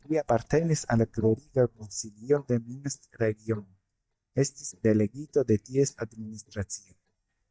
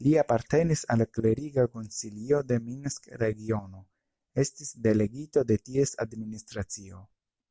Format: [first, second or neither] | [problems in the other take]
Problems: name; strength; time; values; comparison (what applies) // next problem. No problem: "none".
second | noise reduction (neural mask model DeepFilterNet 3)